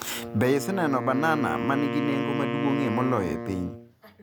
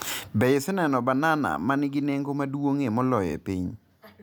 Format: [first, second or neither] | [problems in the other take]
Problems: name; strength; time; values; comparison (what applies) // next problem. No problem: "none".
second | background sound (Wind instrument, woodwind instrument); 5 dB below the speech